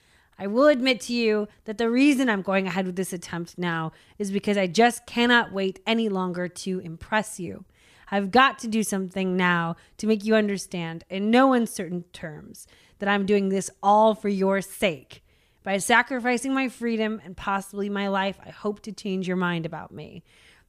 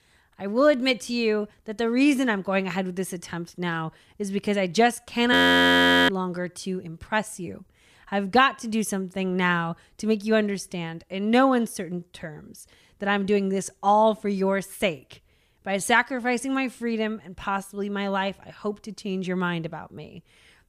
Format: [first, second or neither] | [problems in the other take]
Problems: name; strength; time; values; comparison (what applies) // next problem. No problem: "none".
first | audio freezing; at 5.5 s for 1 s